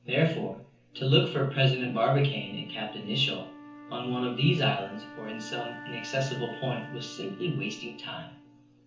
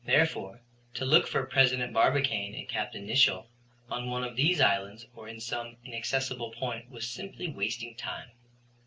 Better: second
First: background sound (Wind instrument, woodwind instrument); 17 dB below the speech // room echo; dies away in 0.9 s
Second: none

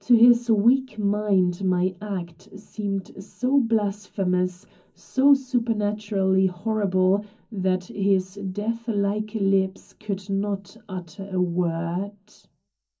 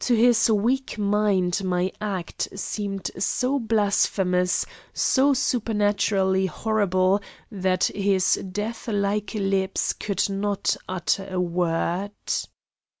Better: second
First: room echo; dies away in 0.4 s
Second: none

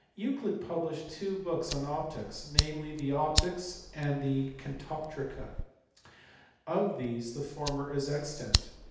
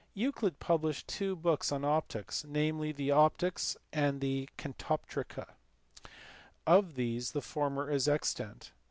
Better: second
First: background sound (Fire); 3 dB below the speech // room echo; dies away in 0.8 s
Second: none

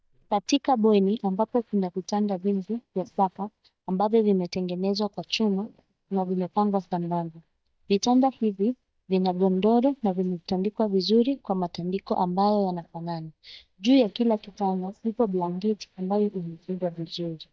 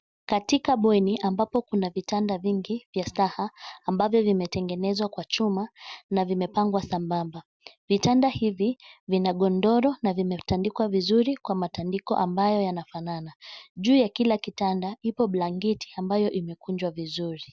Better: second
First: noise reduction (neural mask model DeepFilterNet 3)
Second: none

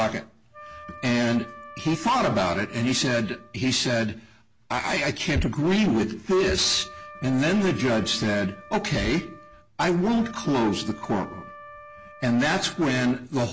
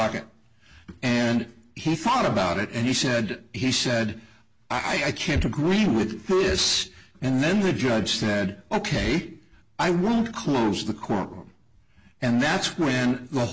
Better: second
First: background sound (Wind instrument, woodwind instrument); 19 dB below the speech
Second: none

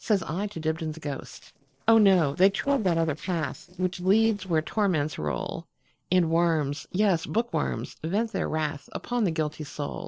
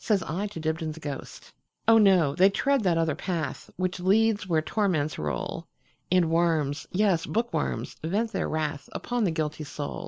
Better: second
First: noise reduction (neural separator model SepFormer DNS4)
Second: none

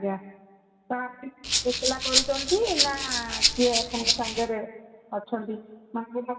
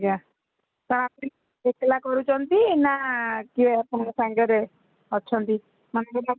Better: second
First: background sound (Rattle (instrument)); 3 dB above the speech // room echo; dies away in 2.4 s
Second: none

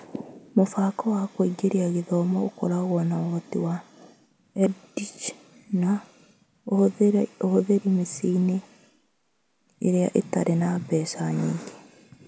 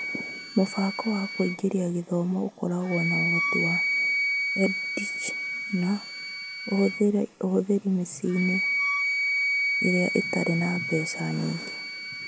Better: first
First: none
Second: background sound (Wind instrument, woodwind instrument); 2 dB below the speech

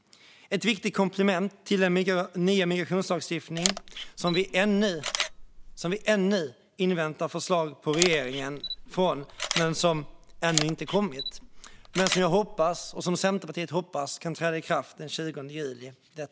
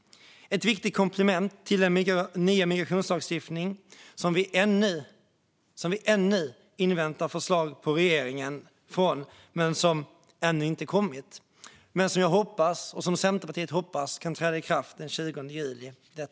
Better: second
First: background sound (Camera); 7 dB below the speech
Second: none

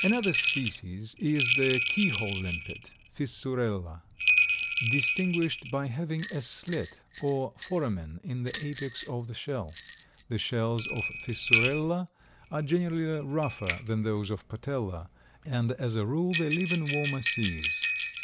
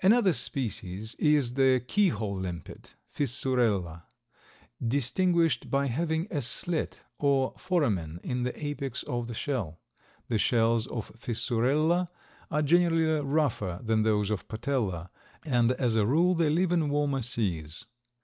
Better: second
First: background sound (Bell); 2 dB below the speech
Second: none

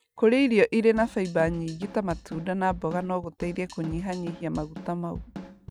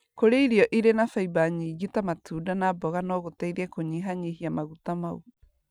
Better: second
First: background sound (Drum kit); 14 dB below the speech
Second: none

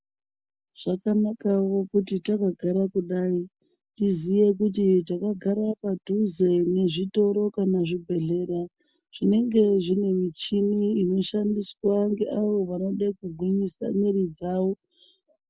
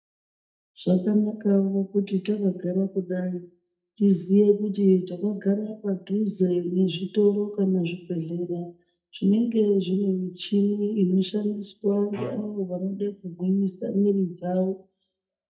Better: first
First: none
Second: noise reduction (neural mask model DeepFilterNet 3)

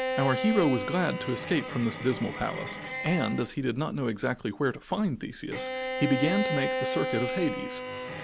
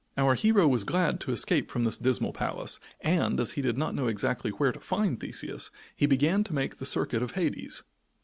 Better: second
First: background sound (Bowed string instrument); 5 dB below the speech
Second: none

